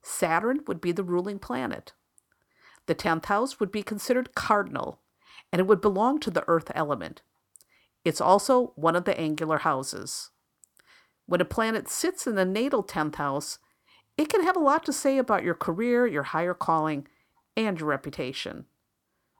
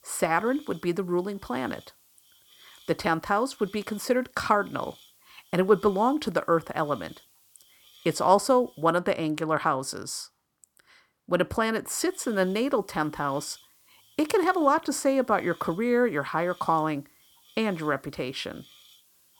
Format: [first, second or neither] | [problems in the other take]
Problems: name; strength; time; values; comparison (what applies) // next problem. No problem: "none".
first | hiss; faint; until 9 s and from 12 s on; 25 dB below the speech